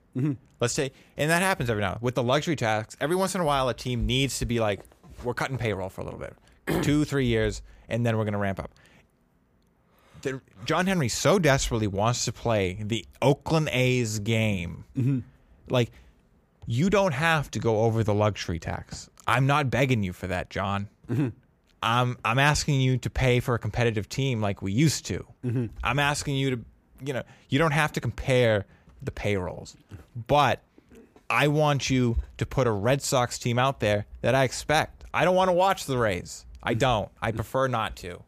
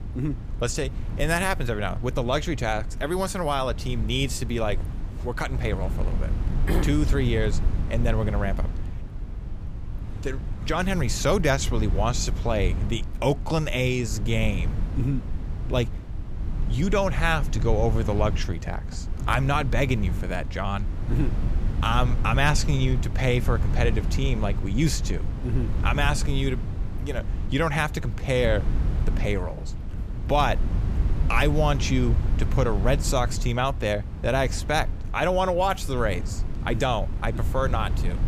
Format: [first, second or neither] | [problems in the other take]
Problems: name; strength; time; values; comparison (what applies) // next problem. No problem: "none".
first | wind noise on the microphone; occasional gusts; 15 dB below the speech